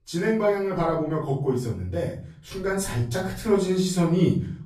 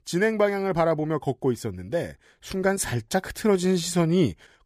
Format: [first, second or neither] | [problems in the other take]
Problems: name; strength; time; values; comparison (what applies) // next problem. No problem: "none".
second | room echo; slight; dies away in 0.5 s // off-mic speech; far